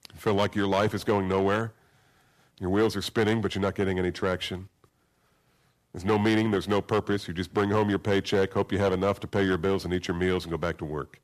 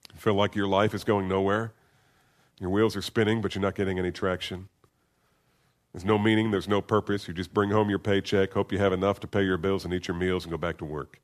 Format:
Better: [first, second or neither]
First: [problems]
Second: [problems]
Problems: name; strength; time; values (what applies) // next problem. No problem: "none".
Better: second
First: distortion; slight; 4% of the sound clipped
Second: none